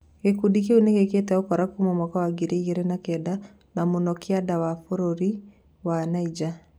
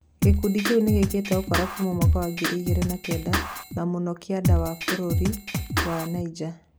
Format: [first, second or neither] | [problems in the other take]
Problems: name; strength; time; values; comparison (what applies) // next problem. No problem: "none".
first | background sound (Drum kit); 2 dB above the speech